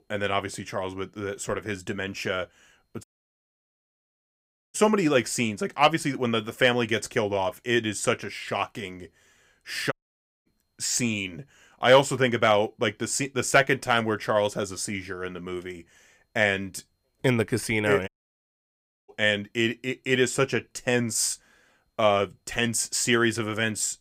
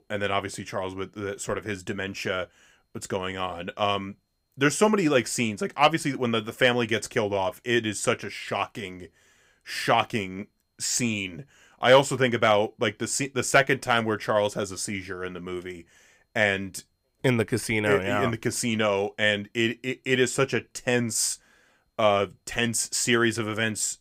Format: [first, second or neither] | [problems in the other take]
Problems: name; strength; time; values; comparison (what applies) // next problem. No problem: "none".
second | audio cutting out; at 3 s for 1.5 s, at 10 s for 0.5 s and at 18 s for 1 s